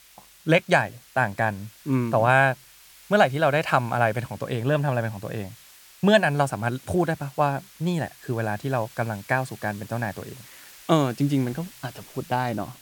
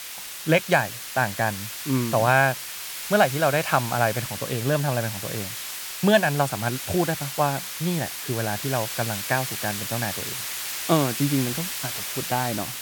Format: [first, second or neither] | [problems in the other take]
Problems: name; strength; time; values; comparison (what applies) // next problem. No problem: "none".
first | hiss; loud; throughout; 6 dB below the speech; faint in the first